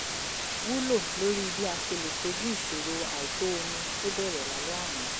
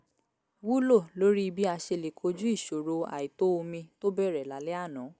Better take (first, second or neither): second